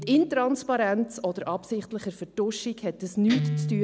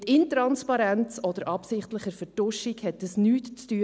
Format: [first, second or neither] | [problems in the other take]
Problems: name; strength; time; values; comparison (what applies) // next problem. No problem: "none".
second | background sound (Guitar); 9 dB below the speech